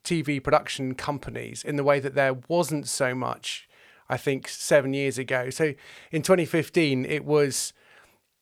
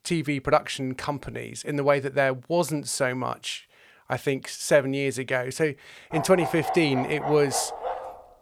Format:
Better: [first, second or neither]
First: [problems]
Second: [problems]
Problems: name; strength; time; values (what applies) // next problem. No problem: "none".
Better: first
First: none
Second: dog barking; noticeable; from 6 s on; peak 5 dB below the speech